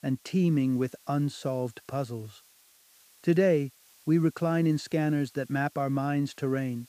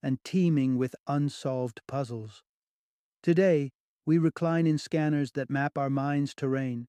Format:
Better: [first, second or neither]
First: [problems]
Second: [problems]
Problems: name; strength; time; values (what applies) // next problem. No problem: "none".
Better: second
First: hiss; faint; throughout; 30 dB below the speech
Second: none